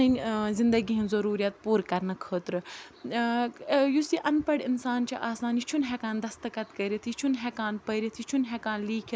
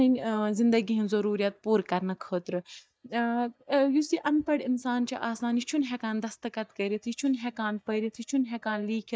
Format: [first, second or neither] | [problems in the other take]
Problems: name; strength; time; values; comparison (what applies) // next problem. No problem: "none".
first | noise reduction (neural mask model DeepFilterNet 3)